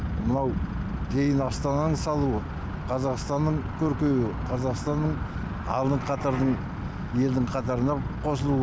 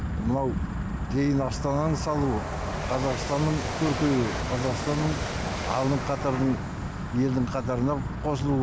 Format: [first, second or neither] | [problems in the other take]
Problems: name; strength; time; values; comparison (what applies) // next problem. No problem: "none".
first | background sound (Train); 10 dB below the speech